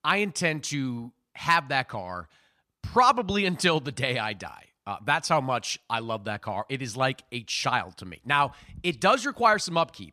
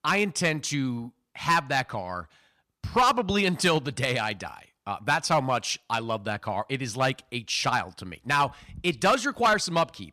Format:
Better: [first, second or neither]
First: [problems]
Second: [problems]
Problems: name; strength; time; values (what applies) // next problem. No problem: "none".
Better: first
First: none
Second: distortion; slight; 3% of the sound clipped